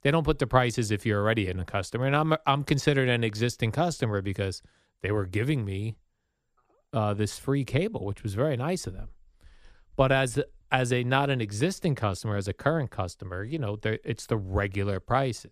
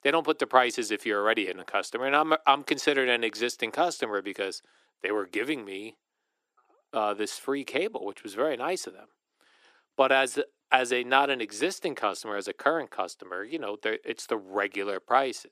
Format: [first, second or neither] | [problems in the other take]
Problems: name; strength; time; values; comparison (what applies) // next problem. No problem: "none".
first | thin; somewhat; fading below 300 Hz